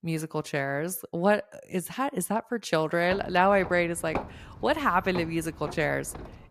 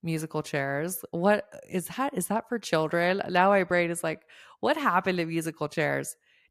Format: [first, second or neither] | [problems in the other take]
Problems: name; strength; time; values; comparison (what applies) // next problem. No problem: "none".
second | footsteps; noticeable; from 3 s on; peak 8 dB below the speech